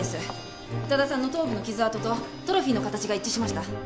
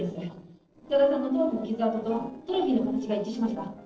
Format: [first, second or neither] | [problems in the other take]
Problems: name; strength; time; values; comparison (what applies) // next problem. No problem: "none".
first | noise reduction (neural separator model SepFormer DNS4)